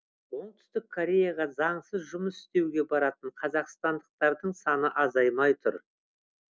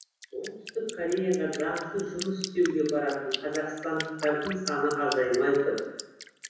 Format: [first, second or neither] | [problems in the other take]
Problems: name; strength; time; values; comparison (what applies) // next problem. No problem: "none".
first | background sound (Drip); 13 dB below the speech // room echo; dies away in 1.1 s